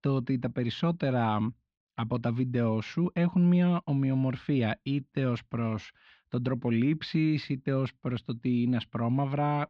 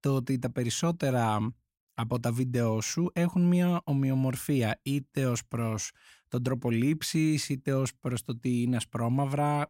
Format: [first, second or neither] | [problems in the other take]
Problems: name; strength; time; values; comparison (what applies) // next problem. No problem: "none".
second | muffled; slightly; fading above 4 kHz